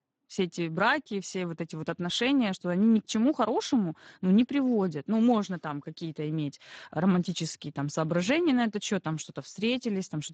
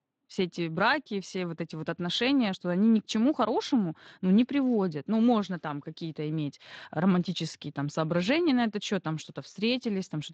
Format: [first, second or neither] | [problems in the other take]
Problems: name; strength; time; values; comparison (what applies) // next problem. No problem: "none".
second | garbled, watery; badly; nothing above 7.5 kHz; slightly in the second